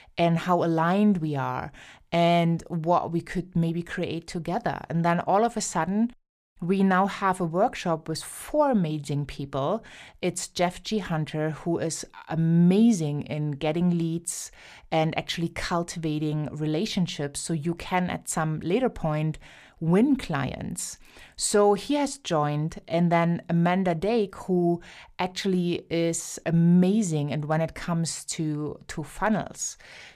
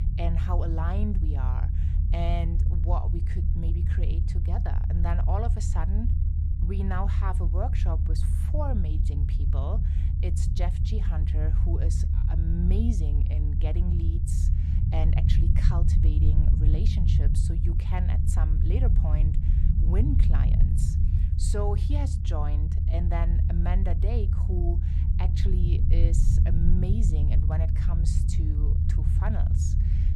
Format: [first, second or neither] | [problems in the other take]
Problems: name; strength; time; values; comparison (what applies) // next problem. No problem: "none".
first | low rumble; loud; throughout; 3 dB below the speech